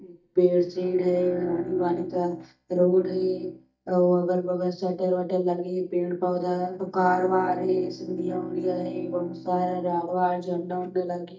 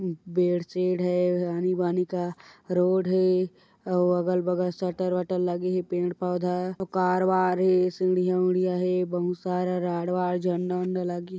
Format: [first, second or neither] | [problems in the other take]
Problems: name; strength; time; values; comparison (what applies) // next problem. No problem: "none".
second | noise reduction (neural mask model DeepFilterNet 3)